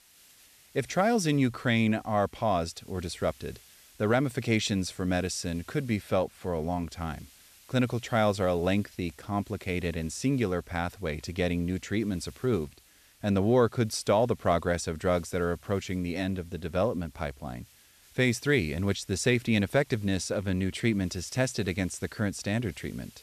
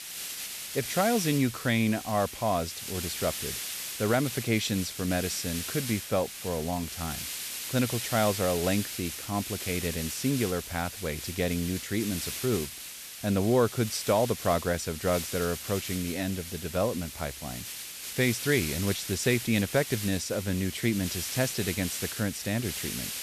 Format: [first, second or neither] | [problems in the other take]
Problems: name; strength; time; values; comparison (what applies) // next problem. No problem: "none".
first | hiss; loud; throughout; 6 dB below the speech; faint in the first